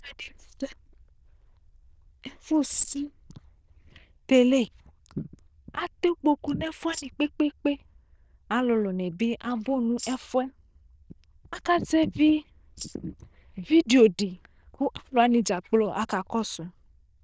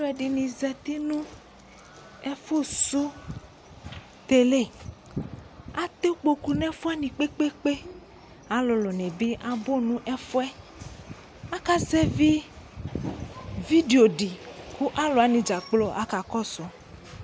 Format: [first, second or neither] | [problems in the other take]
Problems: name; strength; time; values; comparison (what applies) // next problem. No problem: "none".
second | noise reduction (neural diffusion model UNIVERSE++)